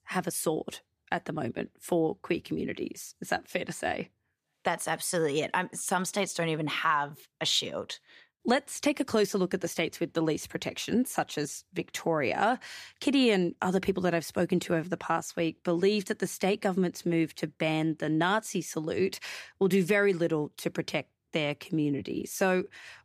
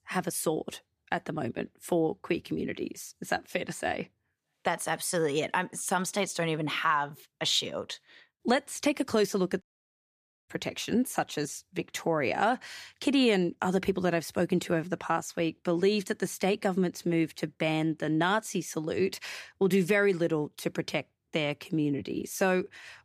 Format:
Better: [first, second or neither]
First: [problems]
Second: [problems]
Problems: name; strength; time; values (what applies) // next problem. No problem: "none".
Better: first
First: none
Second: audio cutting out; at 9.5 s for 1 s